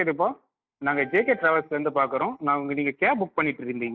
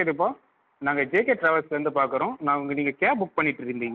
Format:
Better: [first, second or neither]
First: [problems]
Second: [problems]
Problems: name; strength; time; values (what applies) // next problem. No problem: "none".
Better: second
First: noise reduction (neural mask model DeepFilterNet 3)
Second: none